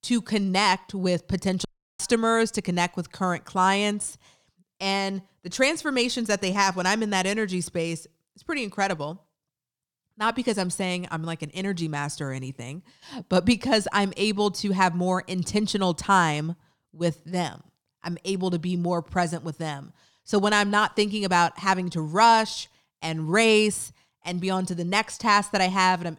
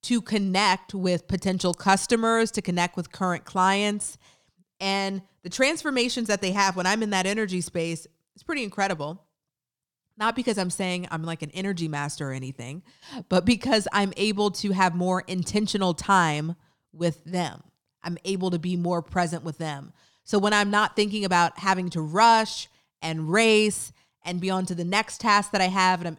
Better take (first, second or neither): second